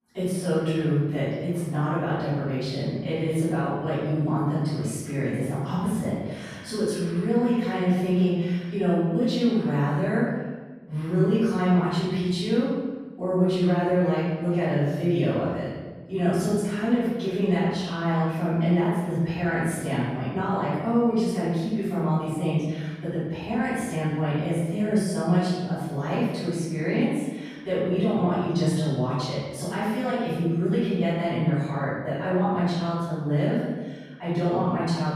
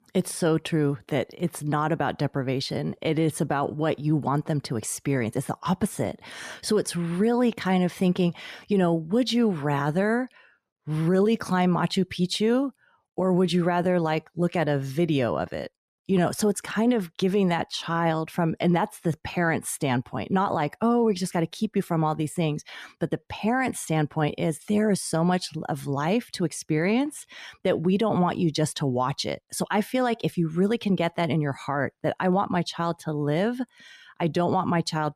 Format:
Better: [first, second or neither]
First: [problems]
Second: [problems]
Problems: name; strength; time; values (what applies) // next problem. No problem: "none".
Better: second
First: room echo; strong; dies away in 1.3 s // off-mic speech; far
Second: none